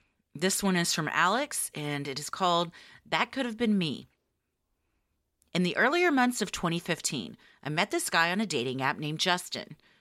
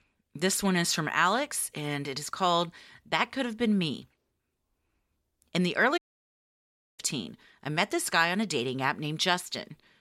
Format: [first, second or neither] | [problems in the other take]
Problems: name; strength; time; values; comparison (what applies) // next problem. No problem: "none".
first | audio cutting out; at 6 s for 1 s